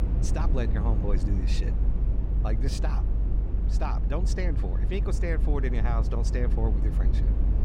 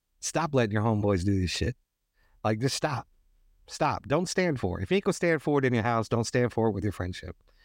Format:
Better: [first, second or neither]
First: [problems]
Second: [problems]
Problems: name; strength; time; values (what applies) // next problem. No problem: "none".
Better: second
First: low rumble; loud; throughout; 6 dB below the speech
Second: none